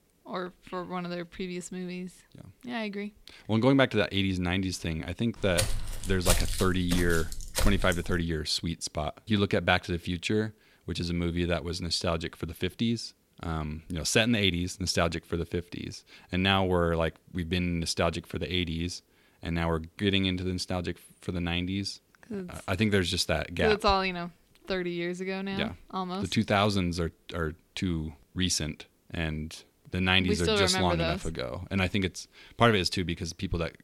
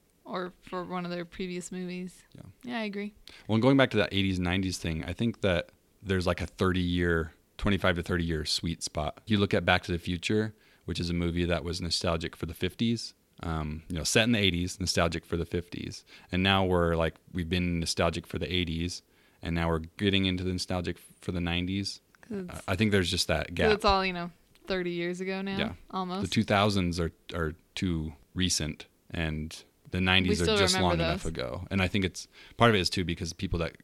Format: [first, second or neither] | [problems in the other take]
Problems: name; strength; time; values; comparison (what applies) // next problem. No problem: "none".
second | footsteps; loud; from 5.5 to 8 s; peak 1 dB above the speech